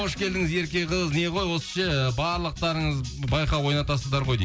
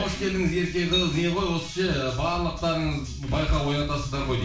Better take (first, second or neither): first